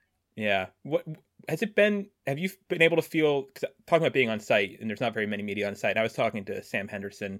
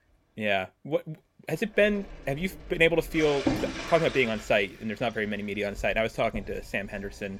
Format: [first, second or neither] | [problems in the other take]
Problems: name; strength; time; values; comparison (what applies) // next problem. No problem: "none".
first | household noises; loud; throughout; 9 dB below the speech